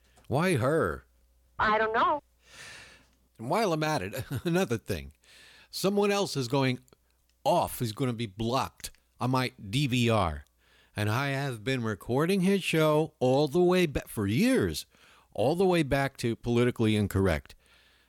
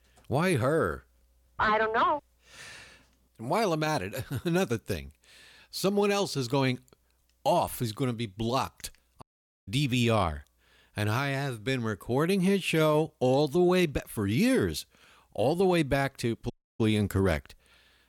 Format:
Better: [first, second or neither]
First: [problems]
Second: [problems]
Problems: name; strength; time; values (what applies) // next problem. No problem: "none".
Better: first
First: none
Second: audio cutting out; at 9 s and at 17 s